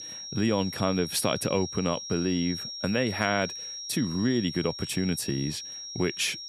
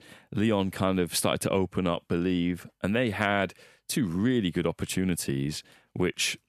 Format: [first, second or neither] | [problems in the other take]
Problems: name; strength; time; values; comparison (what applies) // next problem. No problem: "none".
second | high-pitched whine; loud; throughout; 5.5 kHz, 7 dB below the speech